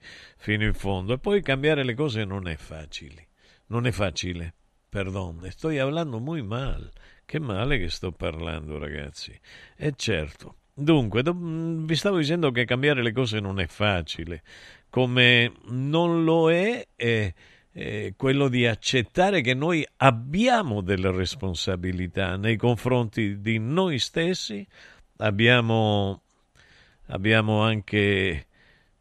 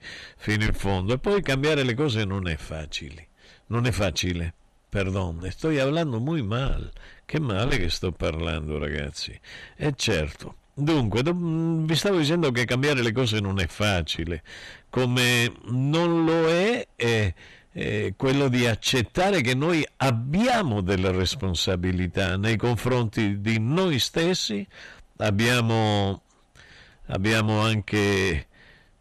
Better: first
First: none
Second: distortion; heavy; 6 dB below the speech

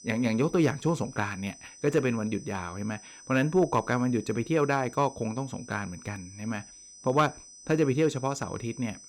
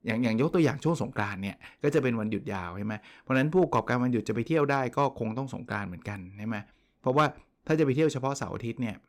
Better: second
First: high-pitched whine; noticeable; throughout; 6 kHz, 20 dB below the speech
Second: none

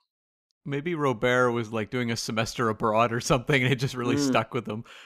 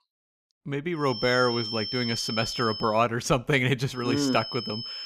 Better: first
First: none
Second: high-pitched whine; loud; from 1 to 3 s and from 4 s on; 5.5 kHz, 6 dB below the speech

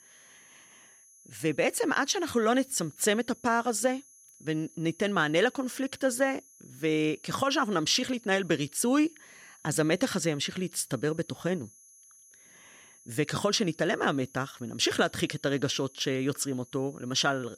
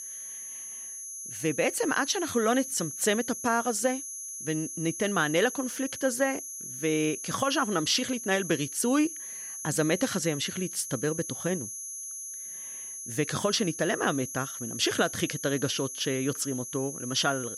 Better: first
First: high-pitched whine; faint; throughout; 6 kHz, 25 dB below the speech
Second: high-pitched whine; loud; throughout; 6 kHz, 7 dB below the speech

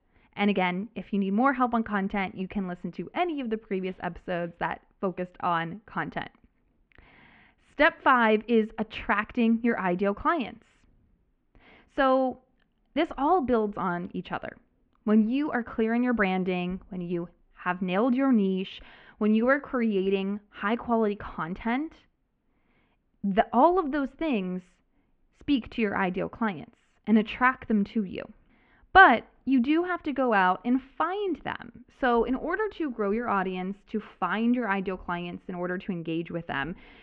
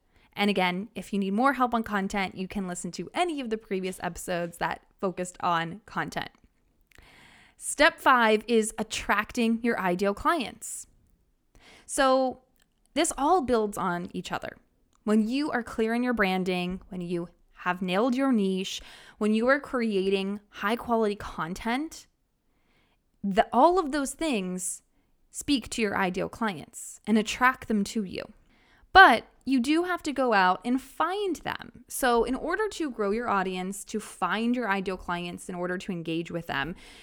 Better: second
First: muffled; very; fading above 3 kHz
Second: none

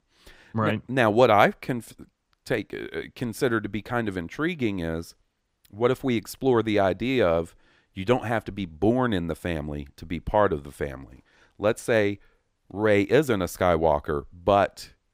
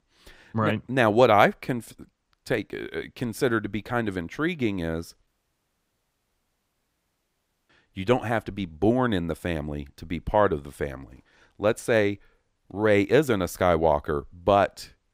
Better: first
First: none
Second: audio cutting out; at 5.5 s for 2.5 s

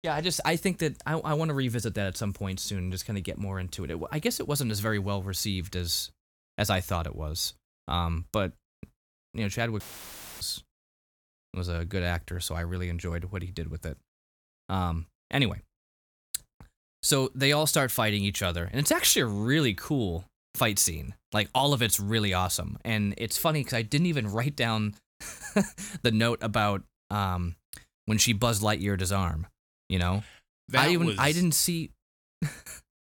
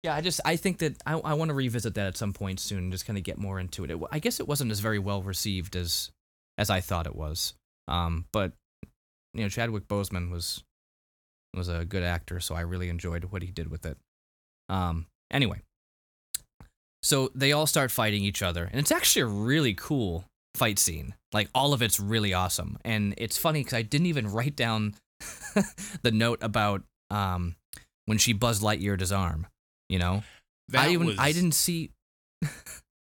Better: second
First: audio cutting out; filled with static; at 10 s for 0.5 s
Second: none

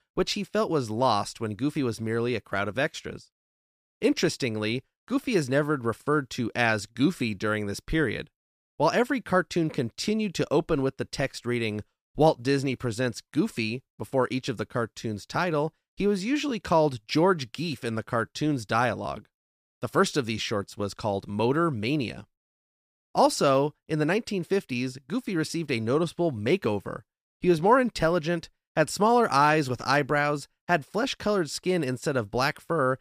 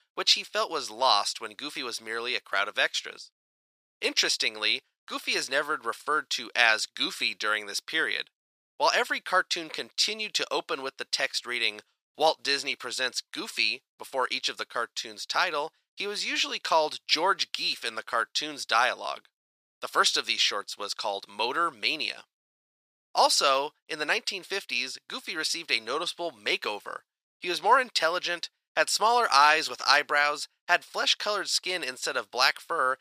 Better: first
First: none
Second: thin; very; fading below 800 Hz

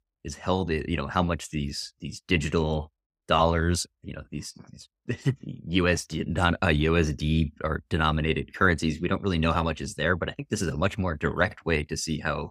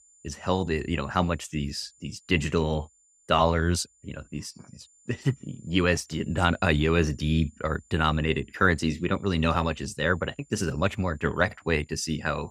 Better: first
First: none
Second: high-pitched whine; faint; throughout; 7 kHz, 30 dB below the speech

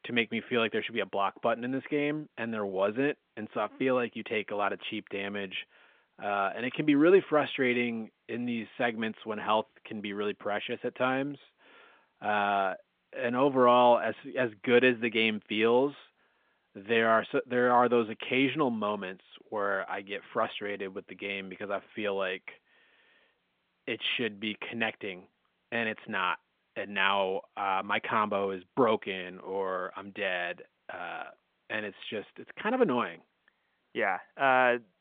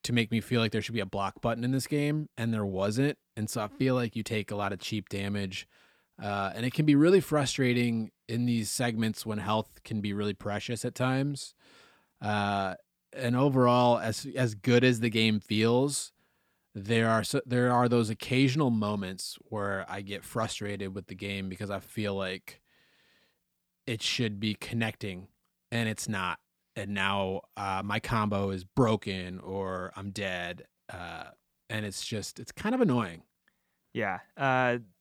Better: second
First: phone-call audio; nothing above 3.5 kHz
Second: none

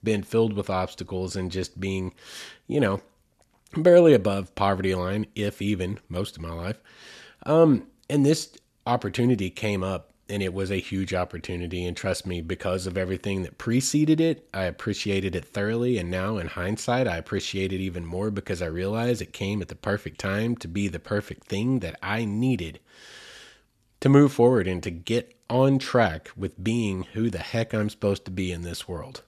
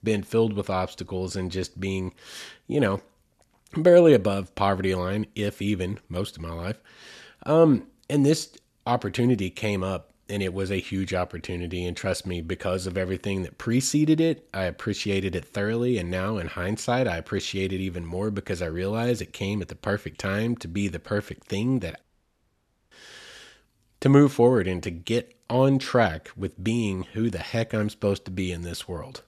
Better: first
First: none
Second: audio cutting out; at 22 s for 1 s

